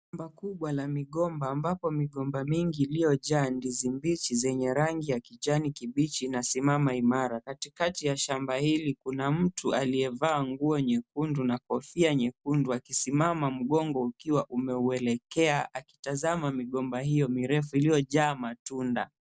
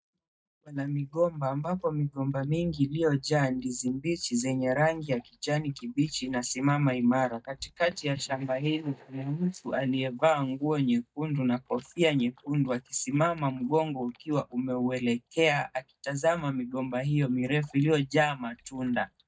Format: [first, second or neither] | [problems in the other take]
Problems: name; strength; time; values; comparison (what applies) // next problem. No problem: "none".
first | noise reduction (neural mask model DeepFilterNet 3)